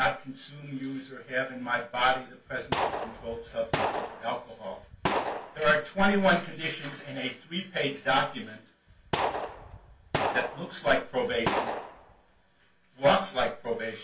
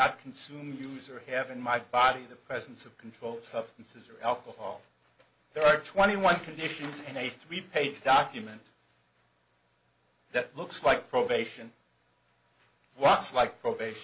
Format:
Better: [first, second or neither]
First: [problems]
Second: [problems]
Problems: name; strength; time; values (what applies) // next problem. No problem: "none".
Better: second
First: background sound (Gunshot, gunfire); 3 dB below the speech // room echo; dies away in 0.2 s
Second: none